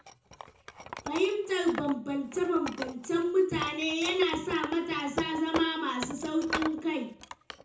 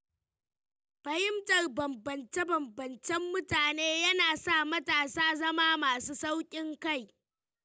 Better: second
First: background sound (Wood); 10 dB below the speech // room echo; dies away in 0.6 s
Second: none

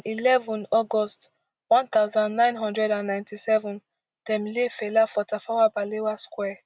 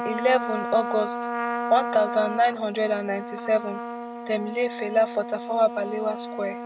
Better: first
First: none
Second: background sound (Trumpet); 6 dB below the speech

